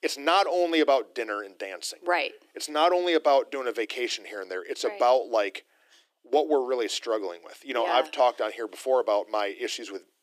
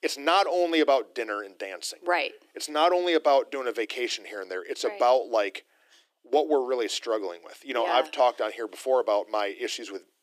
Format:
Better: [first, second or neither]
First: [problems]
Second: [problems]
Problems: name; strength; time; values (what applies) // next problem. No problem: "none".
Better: neither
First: thin; very; fading below 300 Hz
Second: thin; very; fading below 300 Hz